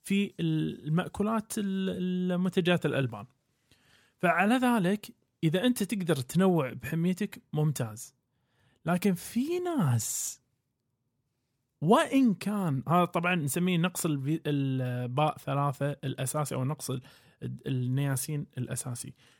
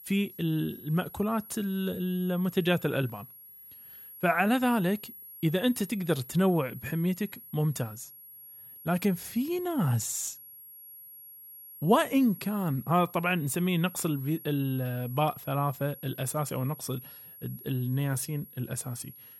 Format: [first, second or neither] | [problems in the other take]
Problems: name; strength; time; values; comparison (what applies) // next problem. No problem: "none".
first | high-pitched whine; noticeable; throughout; 11.5 kHz, 15 dB below the speech